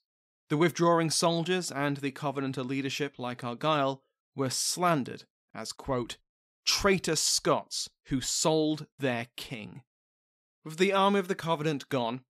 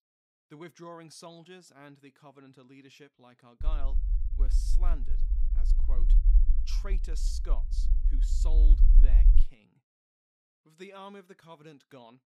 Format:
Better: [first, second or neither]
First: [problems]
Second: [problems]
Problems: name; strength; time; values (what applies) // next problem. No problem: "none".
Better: first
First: none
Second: low rumble; loud; from 3.5 to 9.5 s; 5 dB below the speech